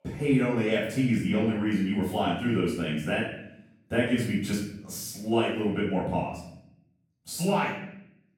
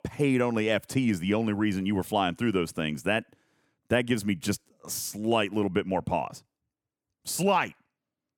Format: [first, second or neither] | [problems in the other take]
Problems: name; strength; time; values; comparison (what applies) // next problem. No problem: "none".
second | off-mic speech; far // room echo; noticeable; dies away in 0.7 s